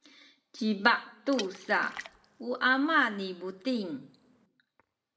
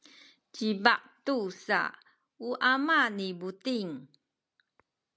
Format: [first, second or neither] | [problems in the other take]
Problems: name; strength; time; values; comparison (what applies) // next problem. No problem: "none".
second | background sound (Water / Splash, splatter); 17 dB below the speech // room echo; dies away in 0.6 s